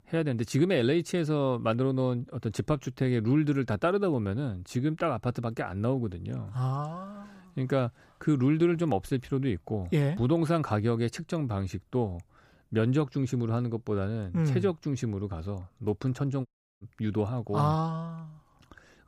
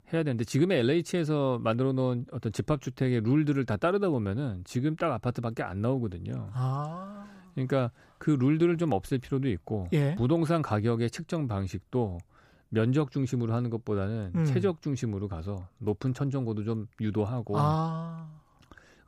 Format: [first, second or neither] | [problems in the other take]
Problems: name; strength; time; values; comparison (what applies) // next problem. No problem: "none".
second | audio cutting out; at 16 s